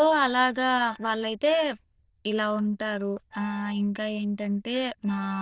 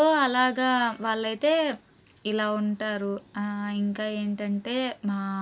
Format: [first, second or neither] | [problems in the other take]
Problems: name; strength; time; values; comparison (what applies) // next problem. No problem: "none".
second | noise reduction (neural diffusion model UNIVERSE++)